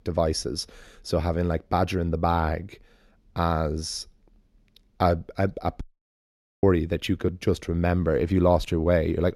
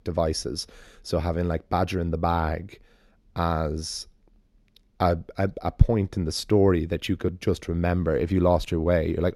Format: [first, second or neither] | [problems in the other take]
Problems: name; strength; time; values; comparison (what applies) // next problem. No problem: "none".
second | audio cutting out; at 6 s for 1 s